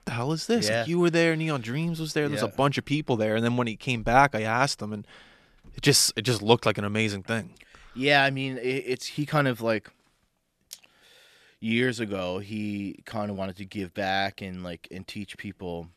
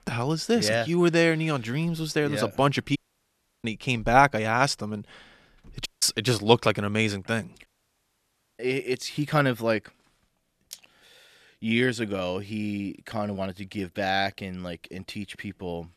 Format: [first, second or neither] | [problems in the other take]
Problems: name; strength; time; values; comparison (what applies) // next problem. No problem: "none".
first | audio cutting out; at 3 s for 0.5 s, at 6 s and at 7.5 s for 1 s